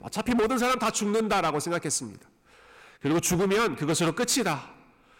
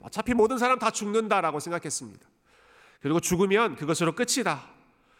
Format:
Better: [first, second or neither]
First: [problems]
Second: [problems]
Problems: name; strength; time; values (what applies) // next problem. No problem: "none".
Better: second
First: distortion; heavy; 15% of the sound clipped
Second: none